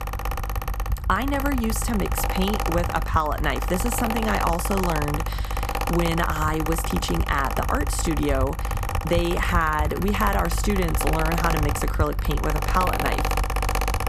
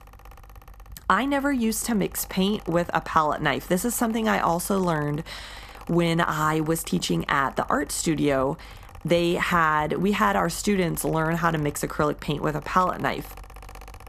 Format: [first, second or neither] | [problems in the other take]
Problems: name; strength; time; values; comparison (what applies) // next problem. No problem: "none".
second | machinery noise; loud; throughout; 1 dB below the speech; faint in the second